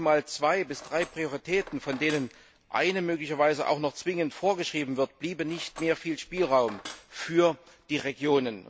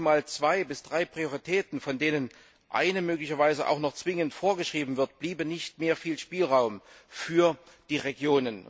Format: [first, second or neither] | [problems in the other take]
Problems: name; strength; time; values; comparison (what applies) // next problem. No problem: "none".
second | background sound (Cutlery, silverware); 19 dB below the speech